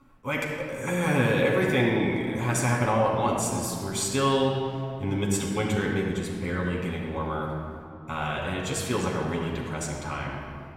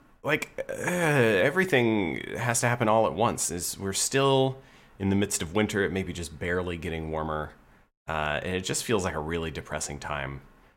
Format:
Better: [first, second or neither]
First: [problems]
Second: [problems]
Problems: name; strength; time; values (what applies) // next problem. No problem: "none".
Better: second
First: off-mic speech; far // room echo; noticeable; dies away in 2.1 s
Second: none